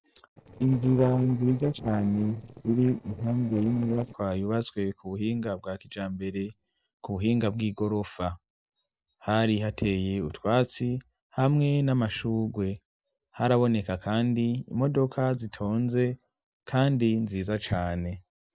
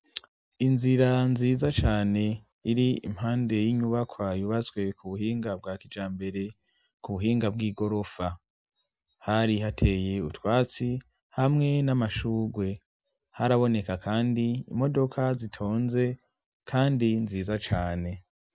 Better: second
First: noise reduction (neural separator model SepFormer DNS4)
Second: none

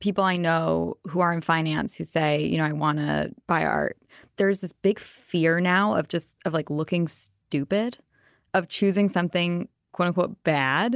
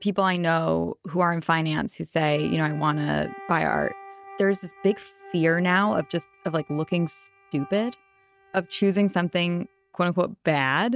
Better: first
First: none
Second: noise reduction (neural mask model RNNoise)

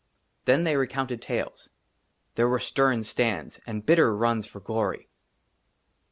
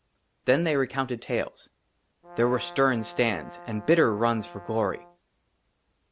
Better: first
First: none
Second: background sound (Brass instrument); 17 dB below the speech

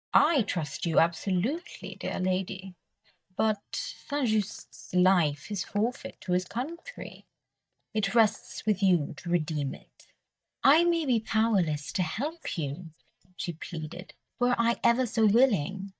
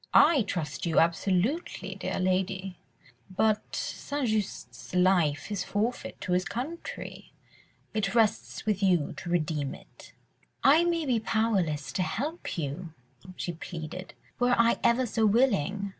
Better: second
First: noise reduction (neural mask model DeepFilterNet 3)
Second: none

